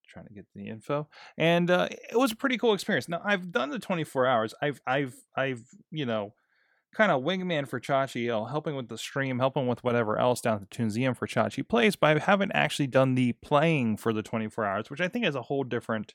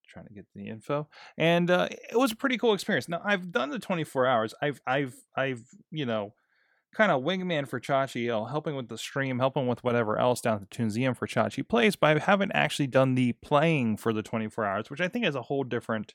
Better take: neither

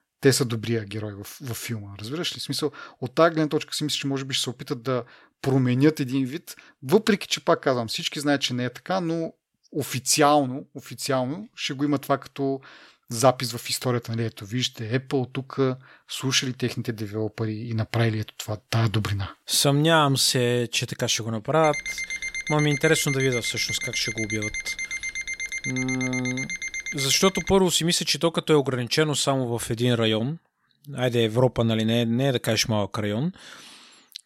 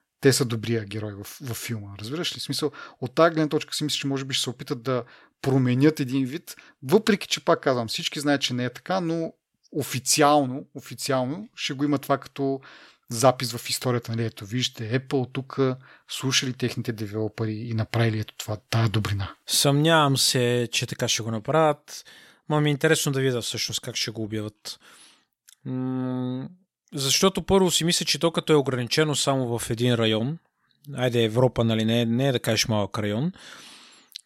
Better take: second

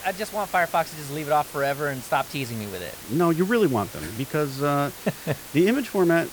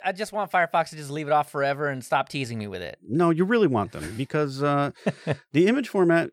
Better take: second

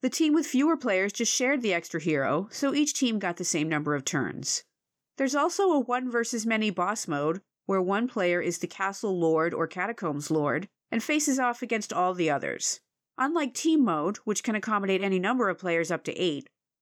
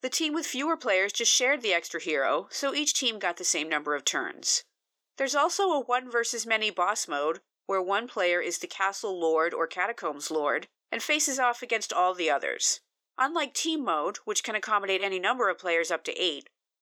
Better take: first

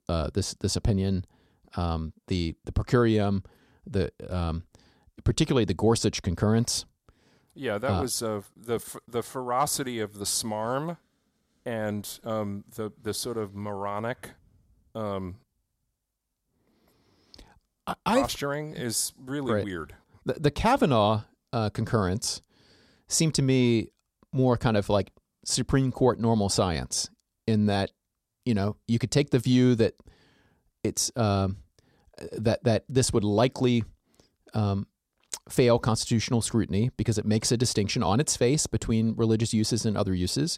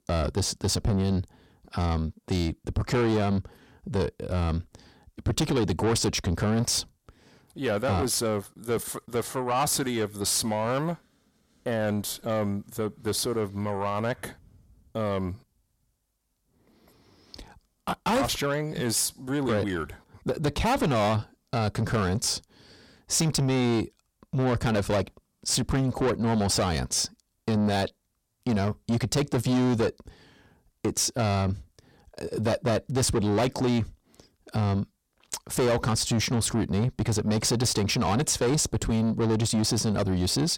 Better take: first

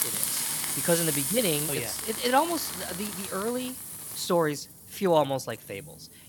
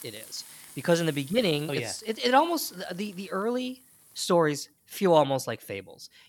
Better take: second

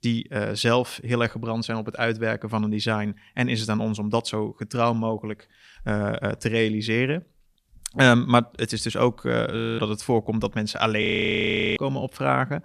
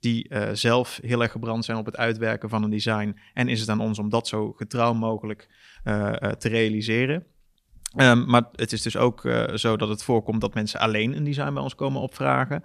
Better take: second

